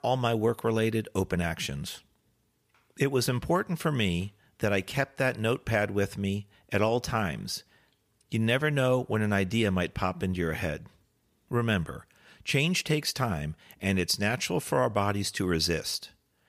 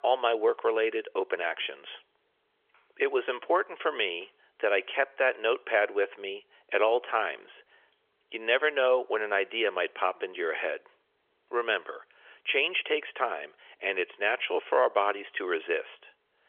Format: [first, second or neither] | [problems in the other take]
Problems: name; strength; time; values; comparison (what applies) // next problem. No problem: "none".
first | phone-call audio; nothing above 3.5 kHz